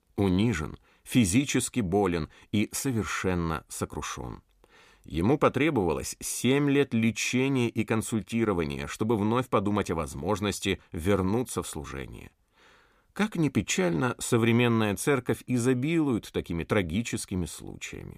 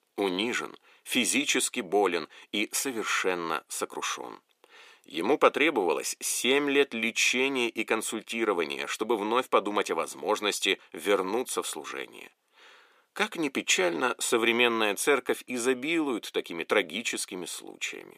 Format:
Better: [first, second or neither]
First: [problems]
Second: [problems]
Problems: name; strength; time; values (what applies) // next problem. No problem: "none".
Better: first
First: none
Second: thin; somewhat; fading below 350 Hz